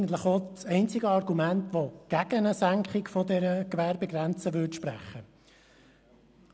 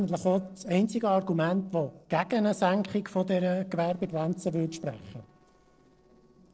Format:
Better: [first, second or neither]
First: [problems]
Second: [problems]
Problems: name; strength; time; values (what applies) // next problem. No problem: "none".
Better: first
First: none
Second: noise reduction (neural separator model SepFormer DNS4)